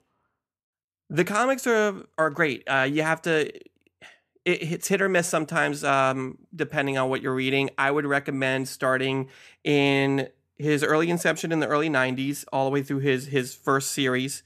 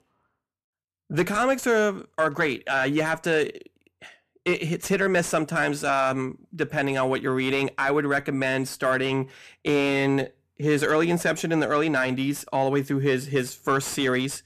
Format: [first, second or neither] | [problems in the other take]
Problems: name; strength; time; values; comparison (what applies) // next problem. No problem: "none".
first | distortion; slight; 10 dB below the speech